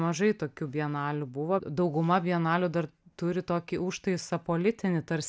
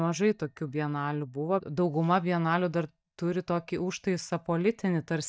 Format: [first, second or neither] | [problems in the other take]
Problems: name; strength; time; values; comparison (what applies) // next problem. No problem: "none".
first | noise reduction (neural mask model DeepFilterNet 3)